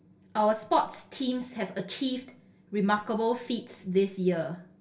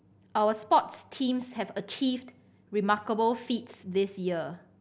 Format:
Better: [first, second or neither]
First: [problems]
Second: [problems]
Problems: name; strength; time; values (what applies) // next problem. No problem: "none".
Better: second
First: room echo; dies away in 0.3 s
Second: none